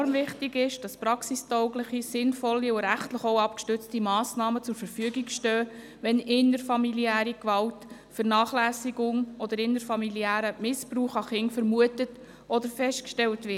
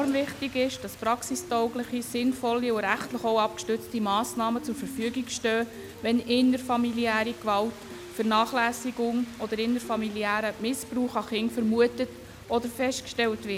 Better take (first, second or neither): first